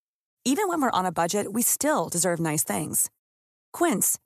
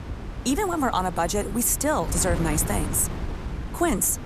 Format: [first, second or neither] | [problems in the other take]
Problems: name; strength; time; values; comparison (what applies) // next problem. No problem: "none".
first | wind noise on the microphone; occasional gusts; 15 dB below the speech